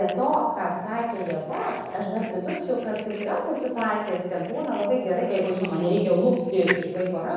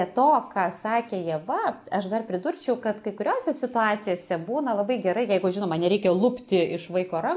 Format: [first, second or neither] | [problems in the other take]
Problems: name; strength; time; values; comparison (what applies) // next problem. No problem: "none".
second | background sound (Fire); 16 dB below the speech // room echo; dies away in 1.1 s